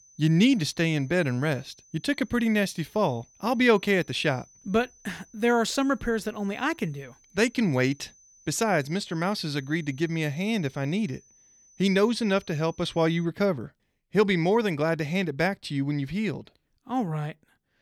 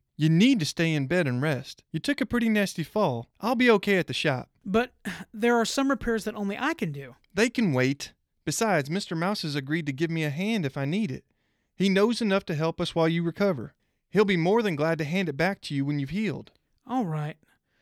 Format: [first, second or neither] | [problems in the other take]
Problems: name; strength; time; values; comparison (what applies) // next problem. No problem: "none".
second | high-pitched whine; faint; until 13 s; 6 kHz, 30 dB below the speech